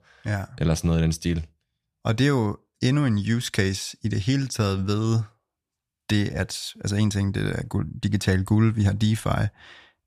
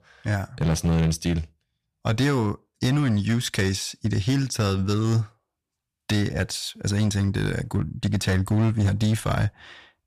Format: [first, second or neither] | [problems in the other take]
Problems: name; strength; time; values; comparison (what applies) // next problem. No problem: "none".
first | distortion; slight; 8% of the sound clipped